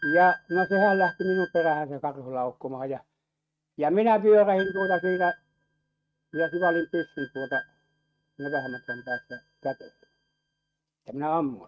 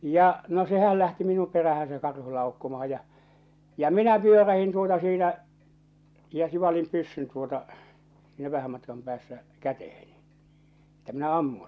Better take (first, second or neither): second